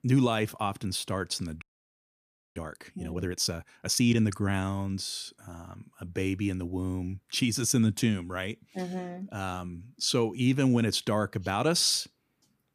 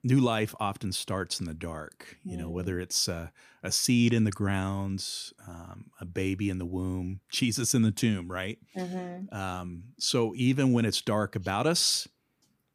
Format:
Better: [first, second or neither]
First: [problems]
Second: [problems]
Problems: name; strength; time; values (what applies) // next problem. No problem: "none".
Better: second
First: audio freezing; at 1.5 s for 1 s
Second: none